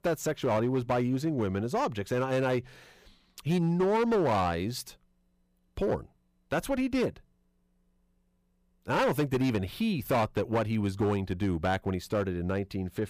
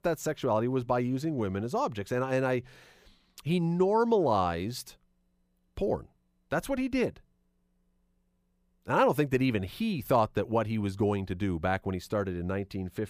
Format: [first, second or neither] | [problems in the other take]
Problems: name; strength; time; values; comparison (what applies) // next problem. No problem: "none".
second | distortion; slight; 7% of the sound clipped